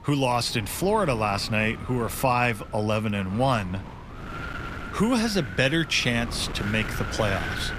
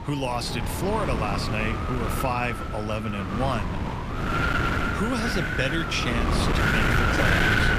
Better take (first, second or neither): first